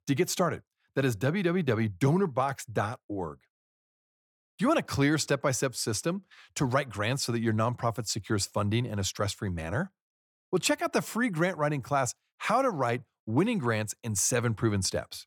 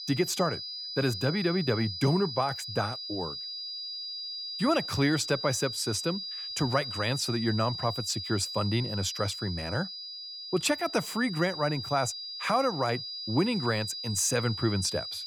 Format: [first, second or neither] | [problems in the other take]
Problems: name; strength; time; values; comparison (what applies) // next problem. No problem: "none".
first | high-pitched whine; loud; throughout; 5 kHz, 6 dB below the speech